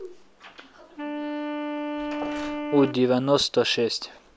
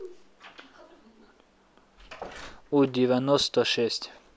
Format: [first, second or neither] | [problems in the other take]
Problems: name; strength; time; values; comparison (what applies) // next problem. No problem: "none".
second | background sound (Wind instrument, woodwind instrument); 6 dB below the speech